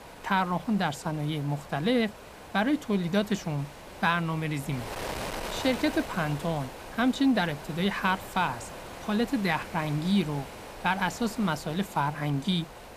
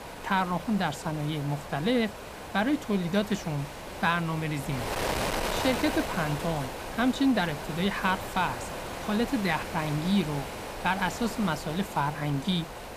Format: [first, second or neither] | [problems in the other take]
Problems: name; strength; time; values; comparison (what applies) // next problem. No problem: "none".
first | wind noise on the microphone; heavy; 5 dB below the speech; occasional gusts in the first